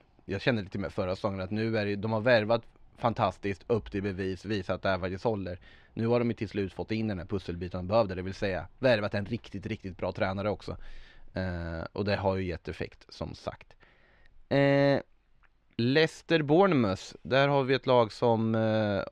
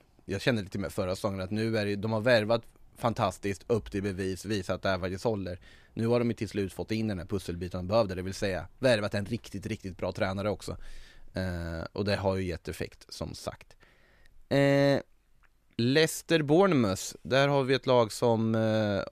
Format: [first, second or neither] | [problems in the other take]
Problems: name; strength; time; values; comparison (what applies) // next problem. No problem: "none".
second | muffled; very slightly; fading above 3.5 kHz